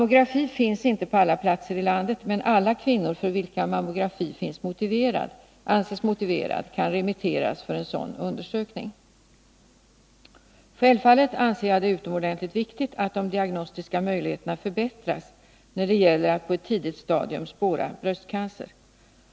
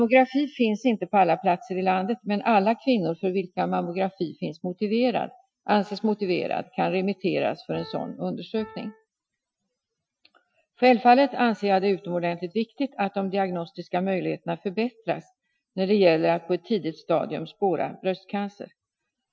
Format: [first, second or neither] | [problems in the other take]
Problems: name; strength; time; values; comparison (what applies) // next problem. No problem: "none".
first | noise reduction (classical method Wiener filter)